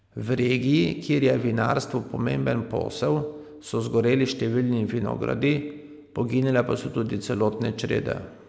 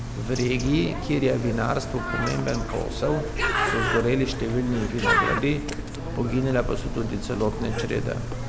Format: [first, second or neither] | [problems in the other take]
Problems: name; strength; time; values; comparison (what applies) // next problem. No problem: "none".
first | background sound (Bird); 2 dB below the speech